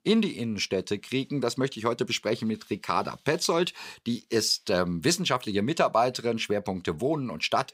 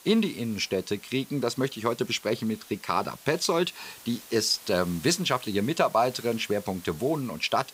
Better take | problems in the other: first | hiss; noticeable; throughout; 20 dB below the speech

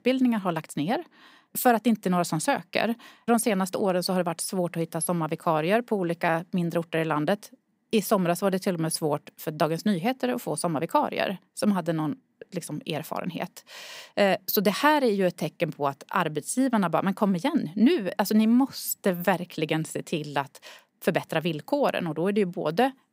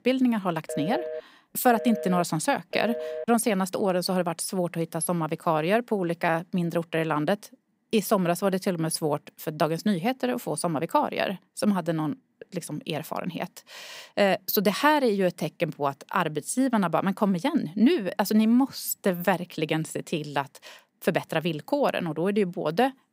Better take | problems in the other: first | phone ringing; noticeable; from 0.5 to 3 s; peak 7 dB below the speech

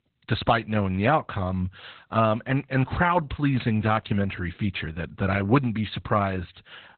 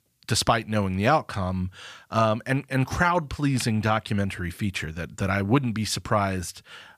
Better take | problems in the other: second | garbled, watery; badly; nothing above 4 kHz

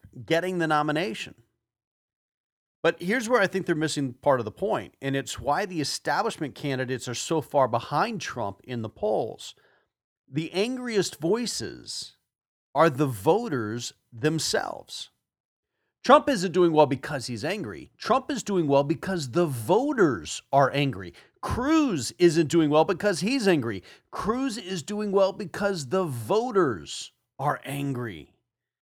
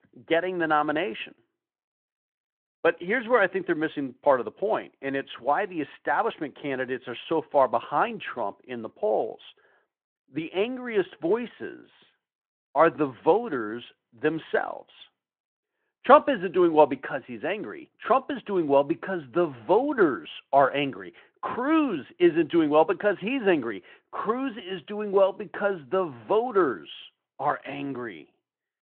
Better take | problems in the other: first | phone-call audio

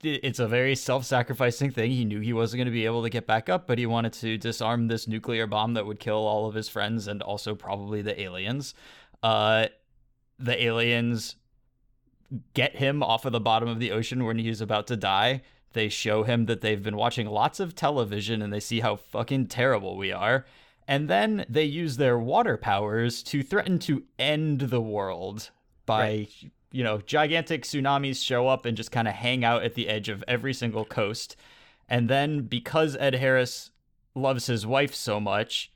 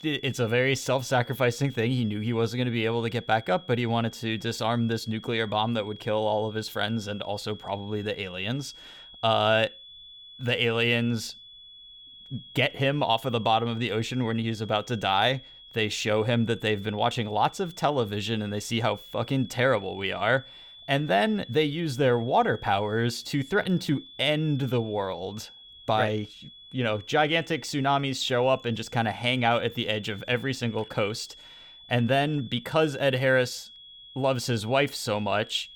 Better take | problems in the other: first | high-pitched whine; noticeable; throughout; 3.5 kHz, 20 dB below the speech

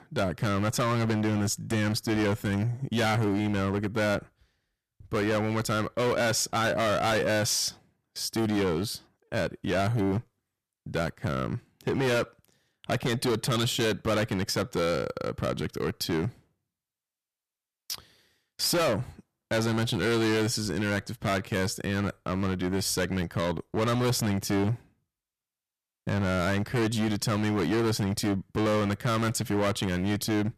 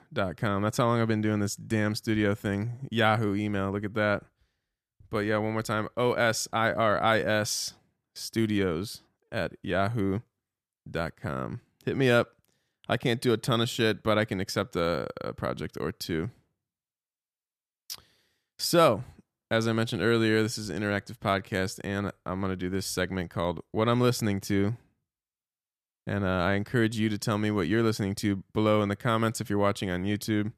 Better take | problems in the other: second | distortion; heavy; 17% of the sound clipped

